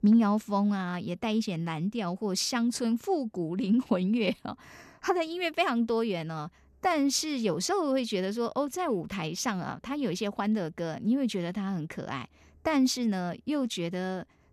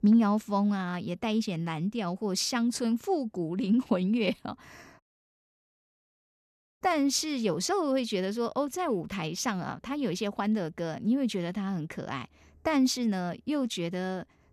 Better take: first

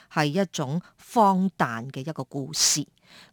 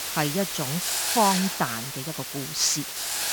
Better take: first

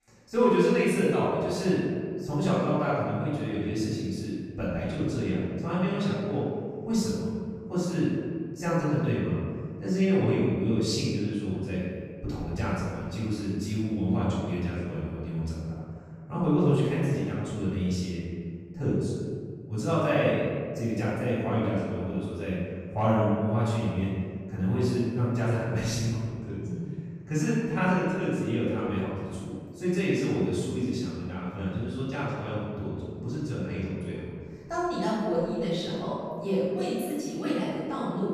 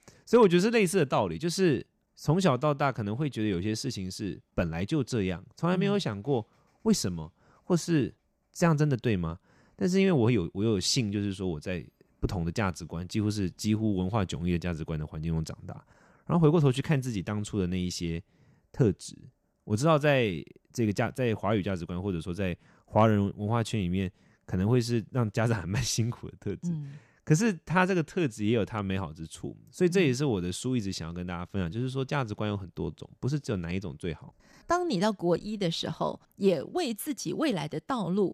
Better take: second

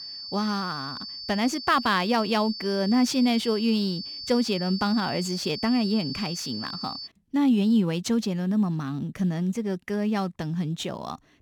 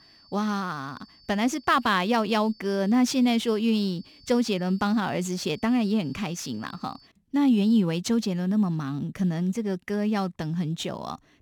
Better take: second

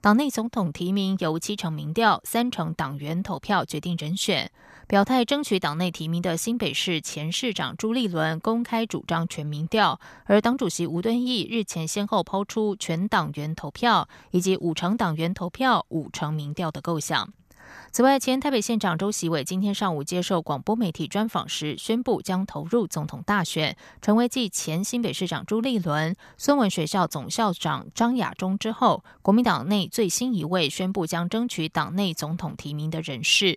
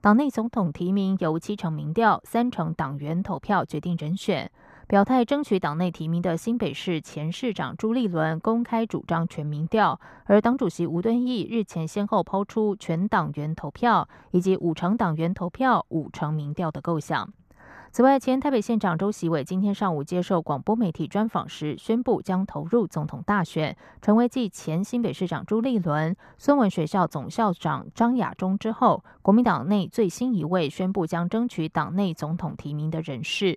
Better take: first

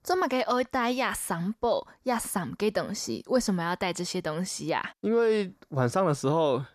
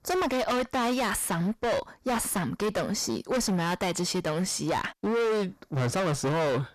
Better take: first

